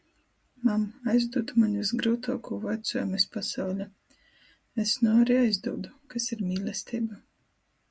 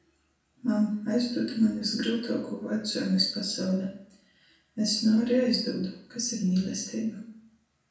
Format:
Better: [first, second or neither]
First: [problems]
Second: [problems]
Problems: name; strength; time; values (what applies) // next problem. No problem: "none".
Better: first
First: none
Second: room echo; dies away in 0.5 s